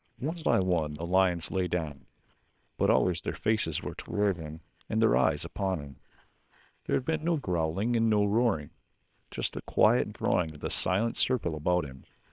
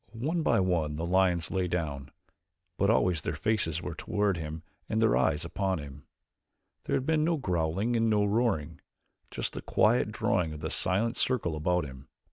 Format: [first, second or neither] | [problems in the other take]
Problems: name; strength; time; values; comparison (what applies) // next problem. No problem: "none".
second | noise reduction (neural separator model SepFormer WHAM!)